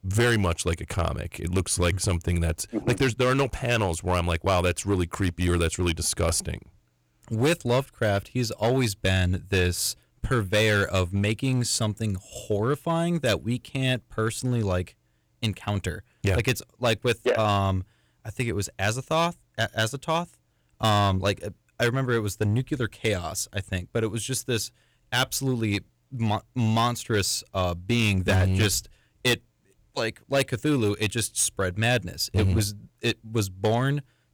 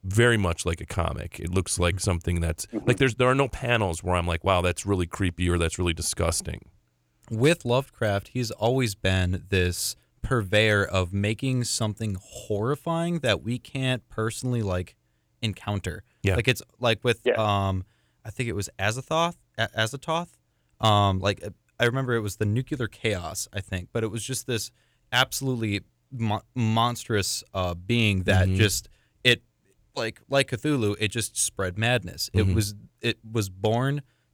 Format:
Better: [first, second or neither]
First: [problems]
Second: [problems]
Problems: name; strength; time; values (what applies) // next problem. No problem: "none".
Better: second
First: distortion; slight; 5% of the sound clipped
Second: none